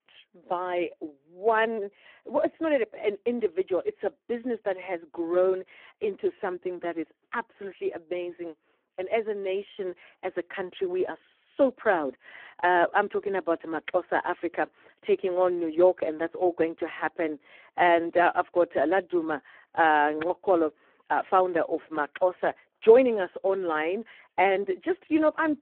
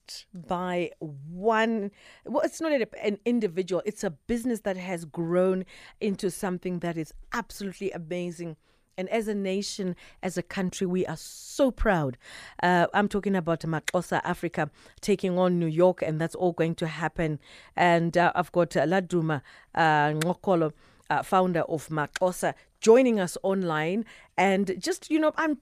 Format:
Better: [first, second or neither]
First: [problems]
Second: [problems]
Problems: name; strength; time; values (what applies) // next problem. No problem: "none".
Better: second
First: phone-call audio; poor line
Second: none